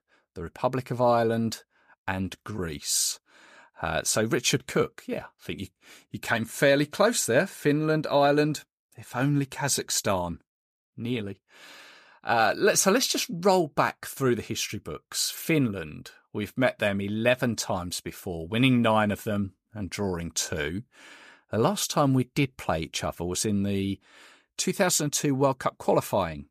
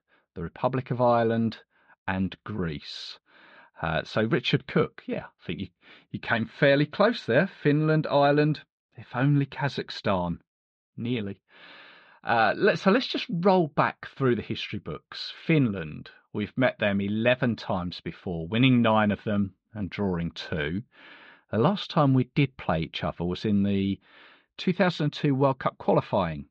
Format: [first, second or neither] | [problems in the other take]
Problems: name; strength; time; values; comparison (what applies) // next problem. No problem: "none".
first | muffled; slightly; fading above 4 kHz